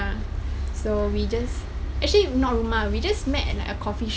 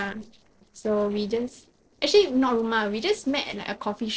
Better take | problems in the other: first | noise reduction (neural separator model SepFormer DNS4)

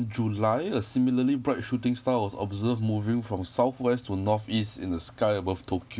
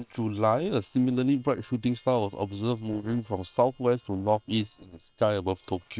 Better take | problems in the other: first | noise reduction (neural separator model SepFormer WHAM!)

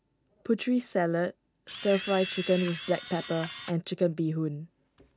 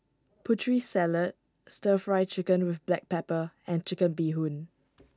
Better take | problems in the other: second | background sound (Camera); 10 dB below the speech

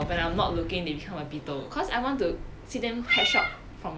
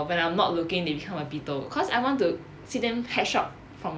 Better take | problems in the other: second | background sound (Gunshot, gunfire / Boom + Meow); 2 dB below the speech

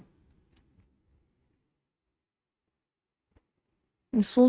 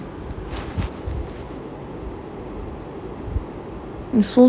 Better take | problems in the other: second | noise reduction (neural mask model RNNoise)

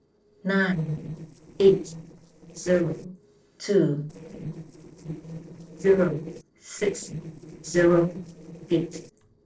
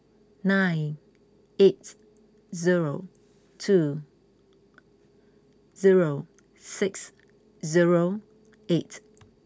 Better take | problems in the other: second | noise reduction (neural separator model SepFormer DNS4)

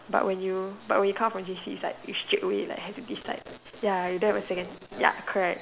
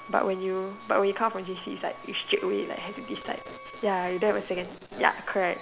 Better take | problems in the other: first | background sound (Keyboard (musical) + Wind instrument, woodwind instrument); 18 dB below the speech

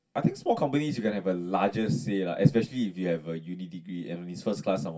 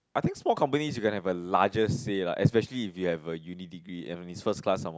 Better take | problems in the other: second | room echo; dies away in 0.2 s

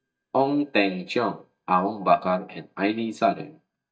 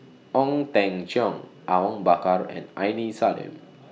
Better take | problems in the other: second | noise reduction (neural mask model DeepFilterNet 3)

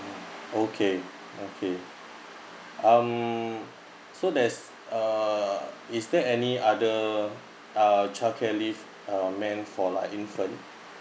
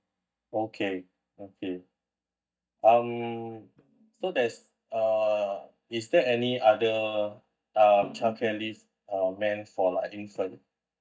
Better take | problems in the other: first | noise reduction (neural mask model DeepFilterNet 3)

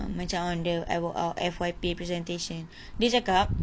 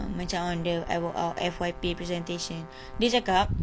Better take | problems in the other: first | background sound (Brass instrument); 19 dB below the speech

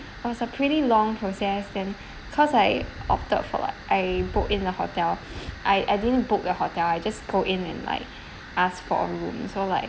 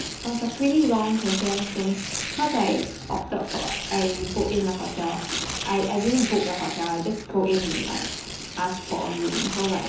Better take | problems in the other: first | background sound (Tearing); 8 dB below the speech // room echo; dies away in 0.6 s

